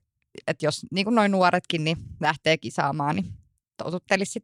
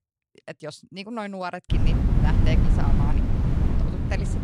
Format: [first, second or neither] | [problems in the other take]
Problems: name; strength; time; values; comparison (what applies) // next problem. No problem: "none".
first | wind noise on the microphone; heavy; from 1.5 s on; 1 dB above the speech